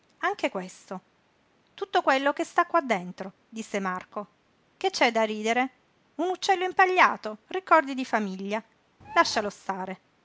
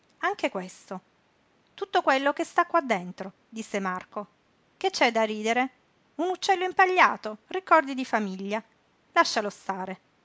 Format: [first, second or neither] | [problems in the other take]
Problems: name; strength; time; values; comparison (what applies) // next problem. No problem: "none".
second | background sound (Bird); 14 dB below the speech